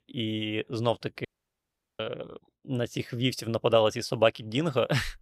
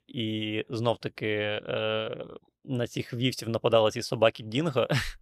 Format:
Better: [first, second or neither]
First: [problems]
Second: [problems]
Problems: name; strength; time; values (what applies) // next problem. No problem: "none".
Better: second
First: audio cutting out; at 1.5 s for 0.5 s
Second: none